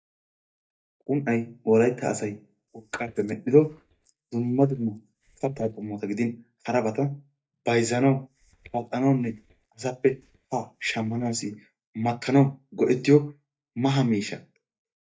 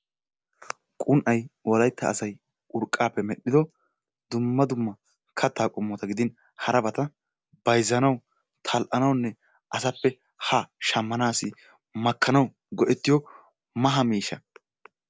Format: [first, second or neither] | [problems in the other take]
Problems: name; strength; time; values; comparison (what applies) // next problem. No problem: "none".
second | noise reduction (neural mask model DeepFilterNet 3)